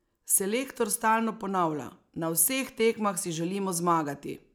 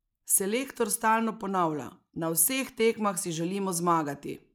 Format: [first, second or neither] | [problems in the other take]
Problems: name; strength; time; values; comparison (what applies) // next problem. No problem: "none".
first | noise reduction (neural mask model Resemble Enhance denoiser)